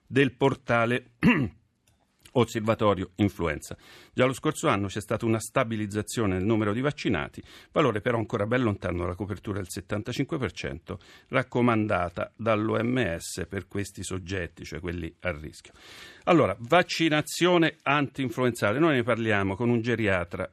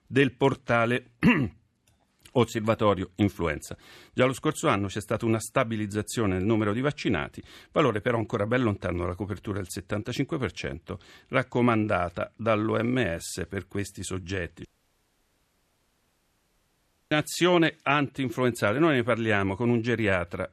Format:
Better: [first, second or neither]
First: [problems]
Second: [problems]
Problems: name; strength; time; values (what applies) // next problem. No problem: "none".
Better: first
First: none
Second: audio cutting out; at 15 s for 2.5 s